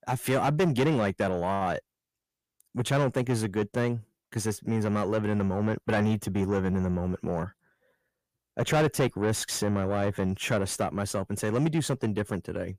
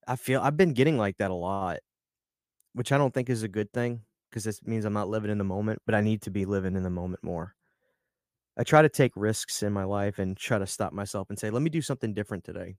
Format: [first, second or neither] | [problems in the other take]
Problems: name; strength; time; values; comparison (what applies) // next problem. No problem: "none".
second | distortion; heavy; 7 dB below the speech